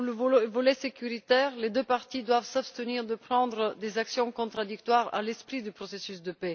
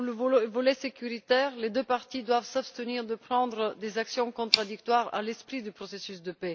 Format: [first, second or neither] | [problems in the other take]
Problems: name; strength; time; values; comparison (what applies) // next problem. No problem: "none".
first | background sound (Tick); 11 dB below the speech